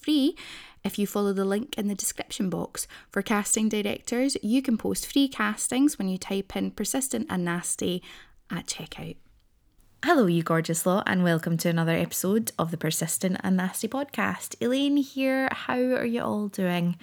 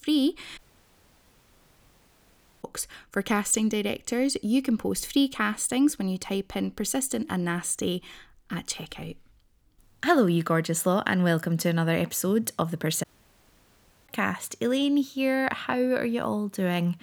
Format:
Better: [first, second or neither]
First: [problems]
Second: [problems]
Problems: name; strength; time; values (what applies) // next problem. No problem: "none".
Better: first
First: none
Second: audio cutting out; at 0.5 s for 2 s and at 13 s for 1 s